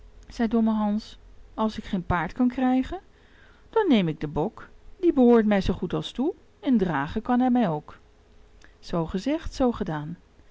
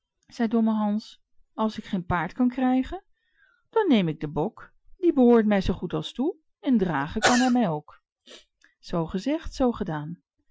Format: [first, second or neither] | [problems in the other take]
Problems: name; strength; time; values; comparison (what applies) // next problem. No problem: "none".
first | noise reduction (classical method Wiener filter)